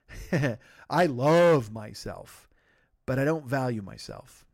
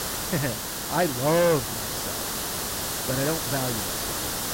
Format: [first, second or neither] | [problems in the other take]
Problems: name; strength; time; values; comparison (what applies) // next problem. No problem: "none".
first | hiss; loud; throughout; 1 dB below the speech